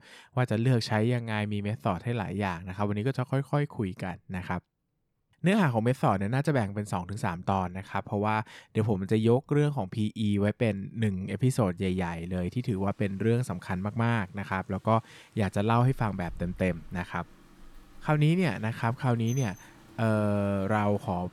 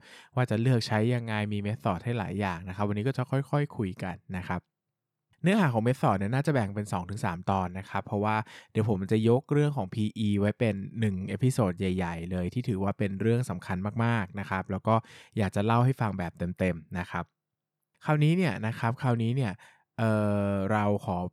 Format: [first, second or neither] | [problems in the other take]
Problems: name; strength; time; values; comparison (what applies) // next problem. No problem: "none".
second | rain or running water; faint; throughout; 25 dB below the speech